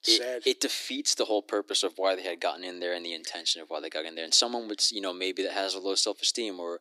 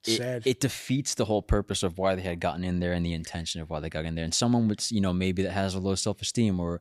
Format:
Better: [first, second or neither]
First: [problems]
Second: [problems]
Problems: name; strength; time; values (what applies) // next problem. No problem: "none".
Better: second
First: thin; somewhat; fading below 300 Hz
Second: none